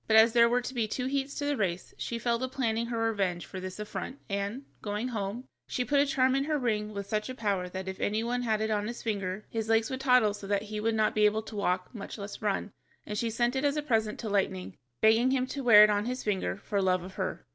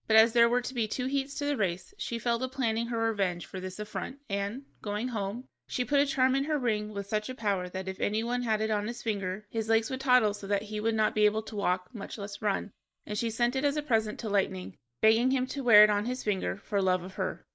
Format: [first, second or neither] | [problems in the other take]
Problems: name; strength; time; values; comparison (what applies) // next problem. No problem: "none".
first | noise reduction (neural mask model Resemble Enhance denoiser)